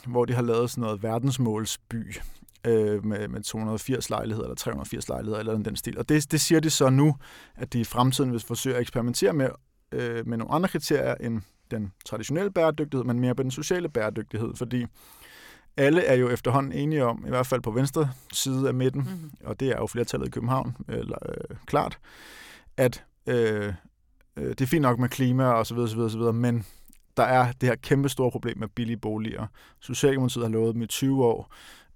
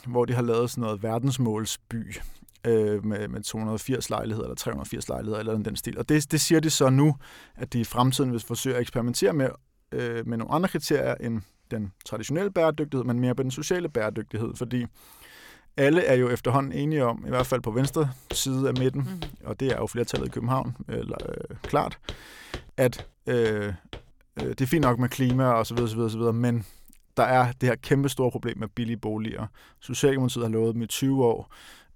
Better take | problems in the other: first | footsteps; noticeable; from 17 to 26 s; peak 10 dB below the speech

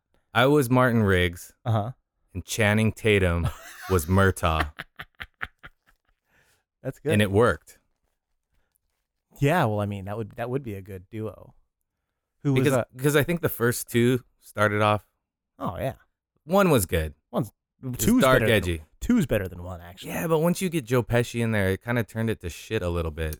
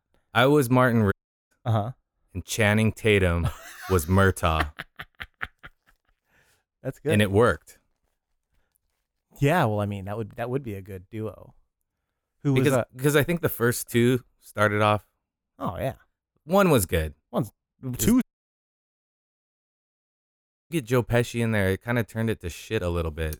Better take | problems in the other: first | audio cutting out; at 1 s and at 18 s for 2.5 s

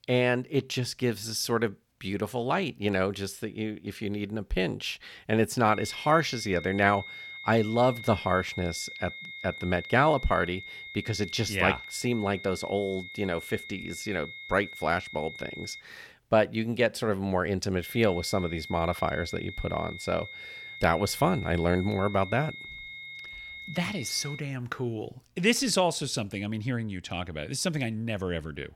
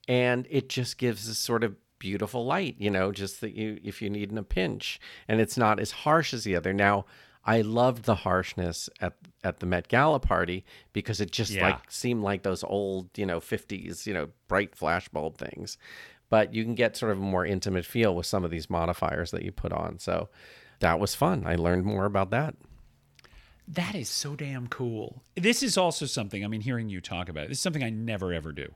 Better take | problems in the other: second | high-pitched whine; noticeable; from 5.5 to 16 s and from 18 to 24 s; 2 kHz, 10 dB below the speech

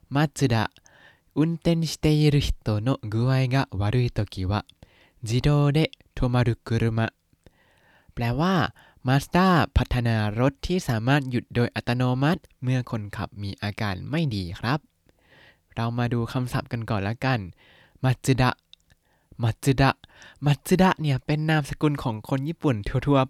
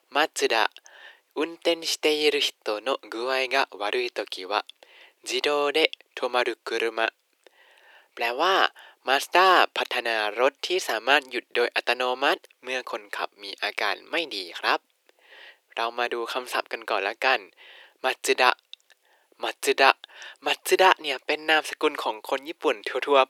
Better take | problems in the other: first | thin; very; fading below 400 Hz

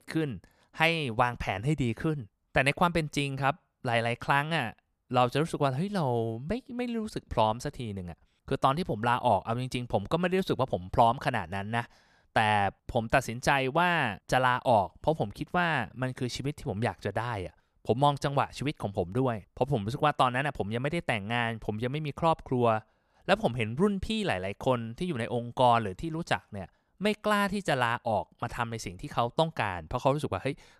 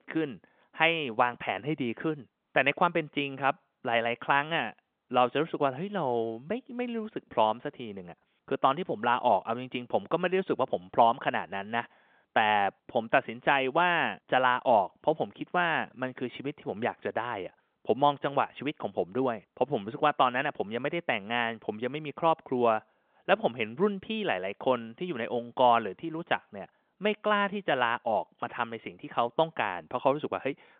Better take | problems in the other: first | phone-call audio; nothing above 3.5 kHz

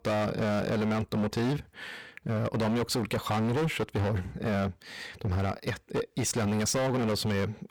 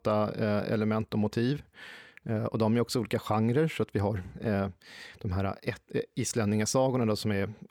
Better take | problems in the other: second | distortion; heavy; 25% of the sound clipped

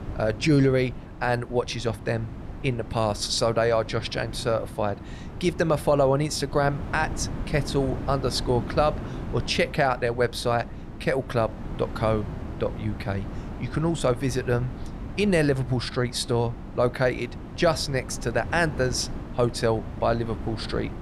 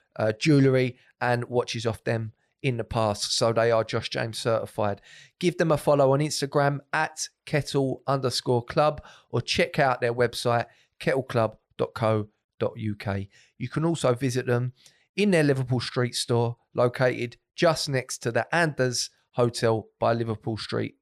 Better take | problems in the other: second | wind noise on the microphone; occasional gusts; 15 dB below the speech

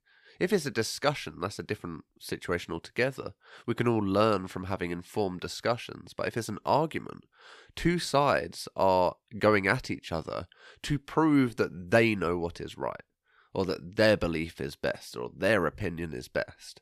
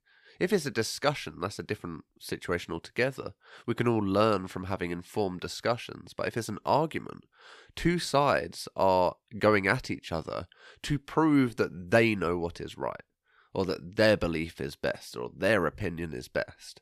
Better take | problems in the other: neither | none

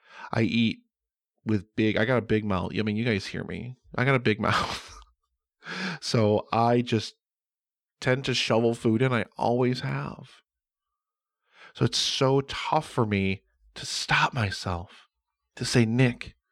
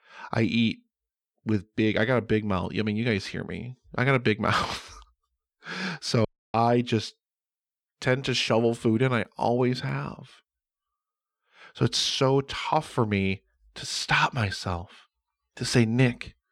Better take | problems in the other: first | audio cutting out; at 6.5 s

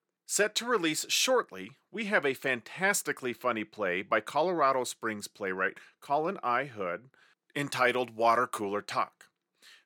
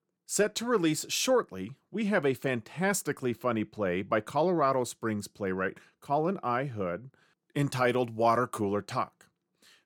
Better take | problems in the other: second | thin; somewhat; fading below 1 kHz

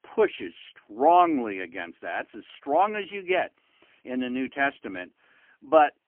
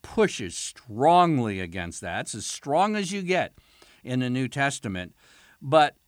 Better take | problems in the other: second | phone-call audio; poor line; nothing above 3 kHz

